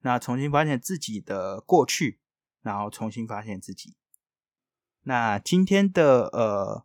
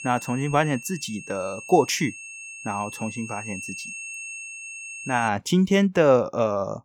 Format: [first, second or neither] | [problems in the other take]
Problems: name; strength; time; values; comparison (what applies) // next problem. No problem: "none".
first | high-pitched whine; noticeable; until 5.5 s; 2.5 kHz, 10 dB below the speech